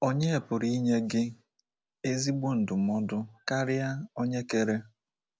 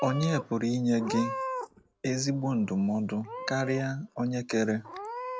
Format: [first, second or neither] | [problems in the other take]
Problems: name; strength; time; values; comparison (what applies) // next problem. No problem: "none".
first | background sound (Meow / Purr); 10 dB below the speech